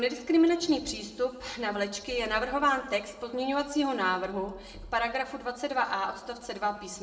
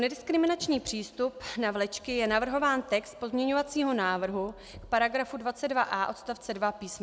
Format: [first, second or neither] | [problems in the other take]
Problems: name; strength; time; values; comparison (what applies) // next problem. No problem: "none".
second | room echo; dies away in 0.7 s